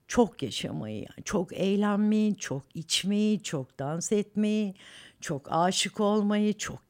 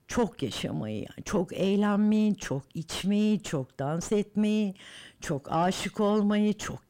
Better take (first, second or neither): first